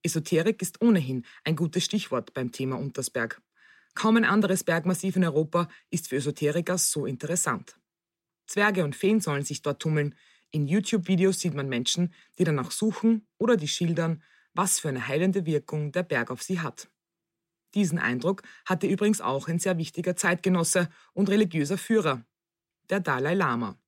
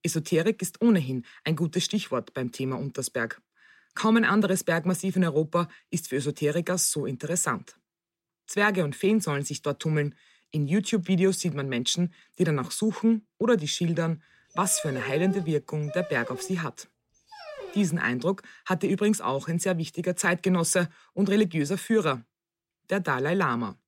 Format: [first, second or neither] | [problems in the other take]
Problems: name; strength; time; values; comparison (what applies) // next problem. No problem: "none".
first | dog barking; noticeable; from 15 to 18 s; peak 9 dB below the speech